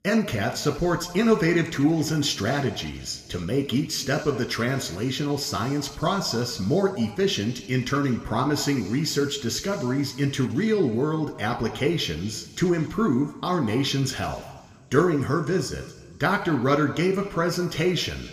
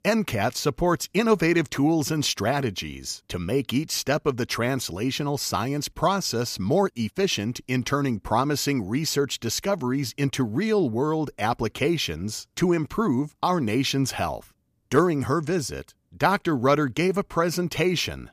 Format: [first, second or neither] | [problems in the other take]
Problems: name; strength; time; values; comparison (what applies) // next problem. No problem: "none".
second | room echo; slight; dies away in 1.5 s